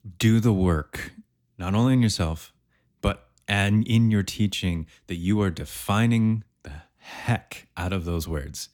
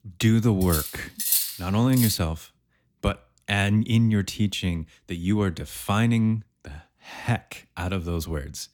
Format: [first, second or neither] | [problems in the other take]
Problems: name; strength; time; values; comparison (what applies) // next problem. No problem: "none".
first | clattering dishes; loud; from 0.5 to 2 s; peak 3 dB above the speech